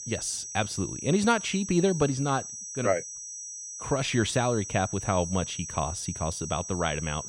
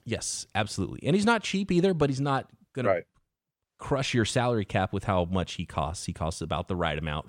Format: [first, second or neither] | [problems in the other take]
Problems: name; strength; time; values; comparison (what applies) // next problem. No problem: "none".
second | high-pitched whine; loud; throughout; 6 kHz, 8 dB below the speech